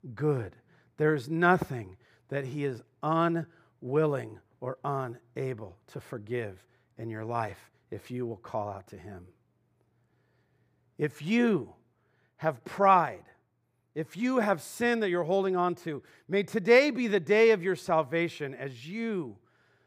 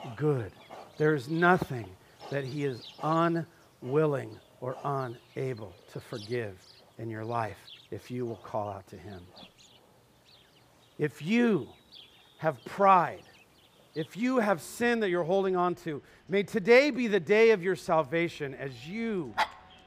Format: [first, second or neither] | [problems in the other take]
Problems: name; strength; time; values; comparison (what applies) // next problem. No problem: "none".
first | animal sounds; noticeable; throughout; 15 dB below the speech